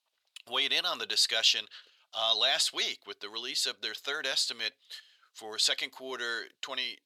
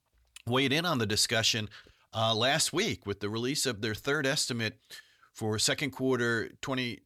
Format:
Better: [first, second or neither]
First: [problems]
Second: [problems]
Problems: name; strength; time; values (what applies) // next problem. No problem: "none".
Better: second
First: thin; very; fading below 650 Hz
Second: none